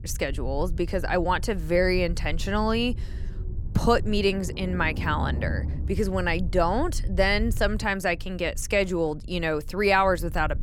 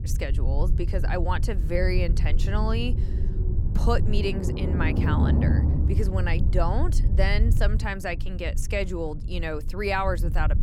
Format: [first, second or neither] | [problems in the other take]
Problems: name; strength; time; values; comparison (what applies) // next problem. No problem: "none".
first | low rumble; loud; throughout; 8 dB below the speech; faint in the first